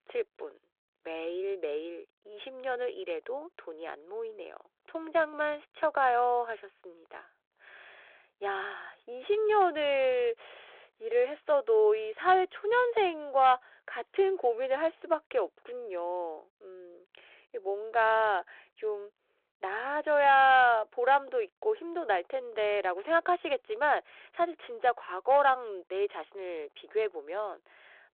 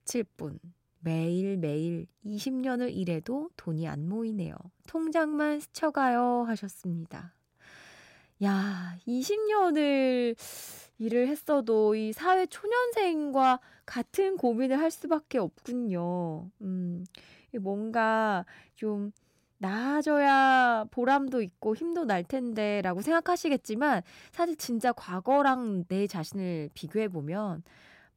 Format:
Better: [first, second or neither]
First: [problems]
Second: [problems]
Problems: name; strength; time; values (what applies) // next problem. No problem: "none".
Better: second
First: phone-call audio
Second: none